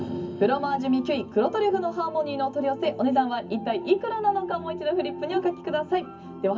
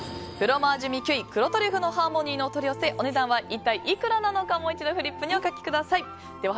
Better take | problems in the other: second | room echo; dies away in 0.3 s

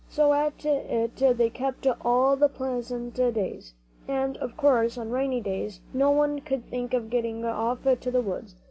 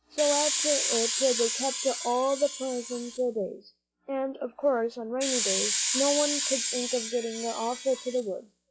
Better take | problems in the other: first | noise reduction (classical method log-MMSE)

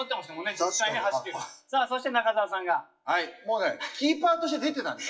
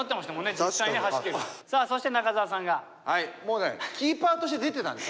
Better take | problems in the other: second | noise reduction (classical method WPE with log-MMSE)

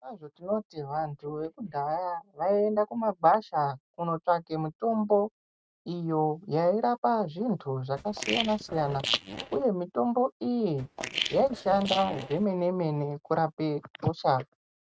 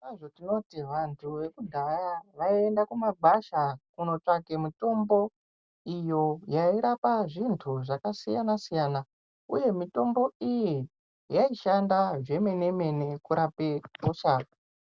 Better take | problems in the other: second | noise reduction (neural mask model RNNoise)

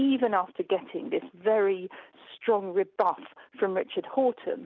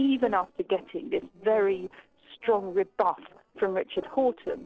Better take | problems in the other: first | noise reduction (neural separator model SepFormer DNS4)

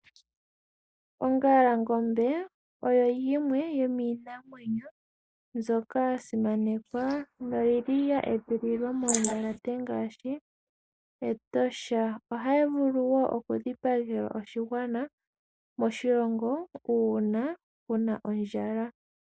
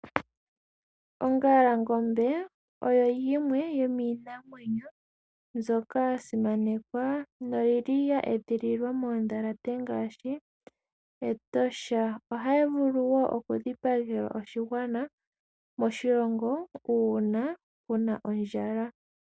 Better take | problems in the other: second | noise reduction (neural mask model Resemble Enhance denoiser)

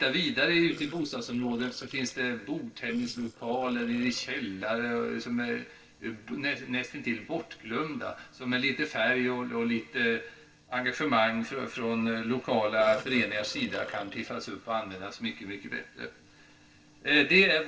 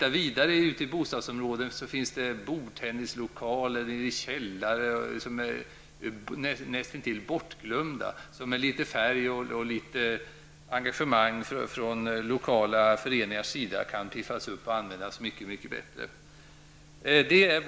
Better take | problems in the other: second | noise reduction (neural separator model SepFormer DNS4)

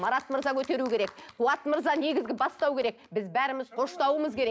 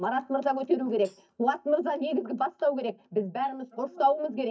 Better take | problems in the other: first | noise reduction (neural mask model DeepFilterNet 3)

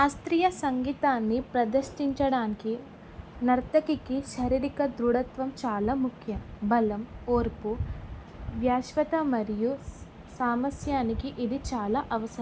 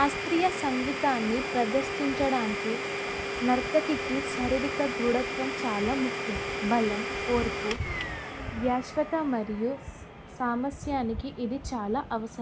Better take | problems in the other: first | background sound (Domestic sounds, home sounds); 5 dB below the speech

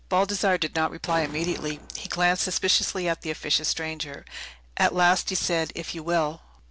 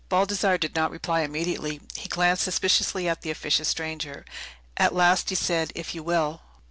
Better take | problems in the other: second | background sound (Explosion); 17 dB below the speech

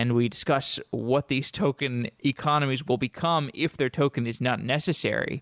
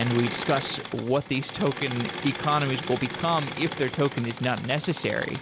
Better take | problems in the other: first | background sound (Engine / Mechanisms); 9 dB below the speech

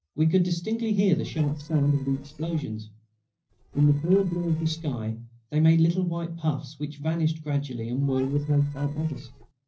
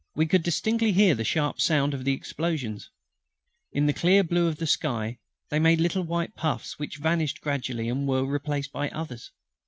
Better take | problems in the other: second | noise reduction (neural separator model SepFormer DNS4)

